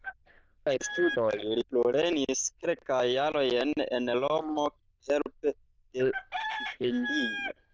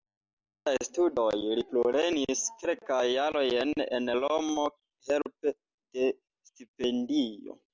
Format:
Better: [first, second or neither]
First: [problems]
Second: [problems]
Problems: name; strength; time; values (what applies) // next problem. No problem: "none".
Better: second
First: noise reduction (neural diffusion model UNIVERSE++)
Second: none